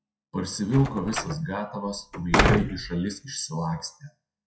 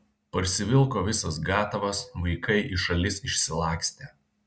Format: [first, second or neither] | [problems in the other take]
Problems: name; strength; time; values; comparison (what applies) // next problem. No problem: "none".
second | noise reduction (classical method WPE with log-MMSE)